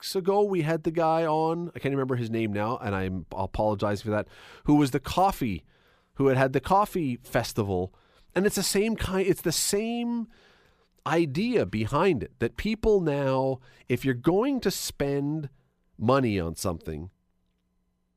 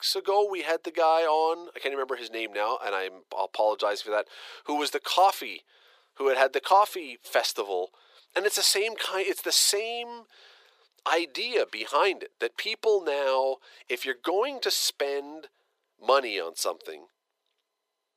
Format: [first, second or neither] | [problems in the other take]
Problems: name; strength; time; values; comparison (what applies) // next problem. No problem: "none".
first | thin; very; fading below 450 Hz